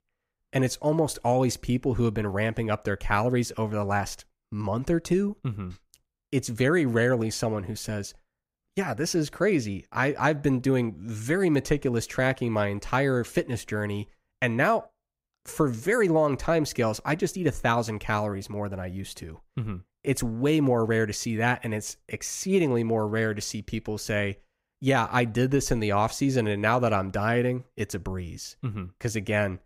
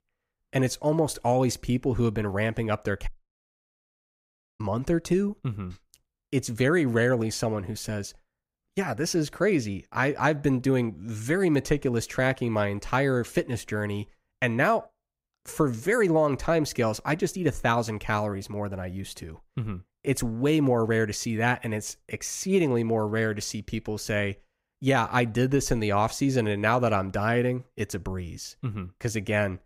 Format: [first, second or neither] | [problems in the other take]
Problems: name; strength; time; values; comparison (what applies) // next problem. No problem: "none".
first | audio cutting out; at 3 s for 1.5 s